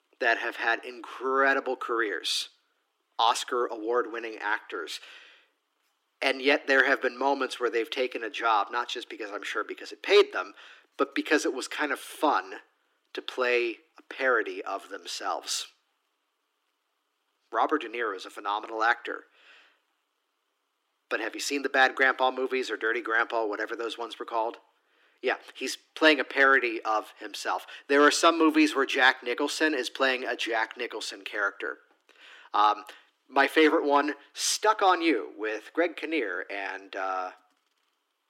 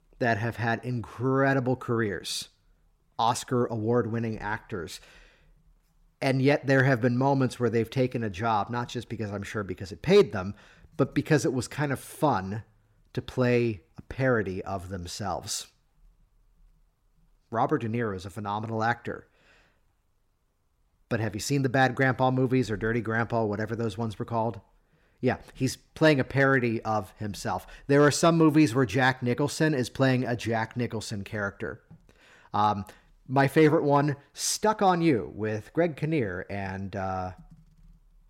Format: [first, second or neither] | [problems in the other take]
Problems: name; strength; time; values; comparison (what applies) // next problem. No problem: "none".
second | thin; somewhat; fading below 300 Hz